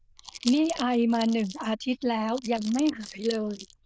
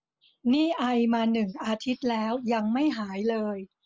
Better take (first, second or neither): second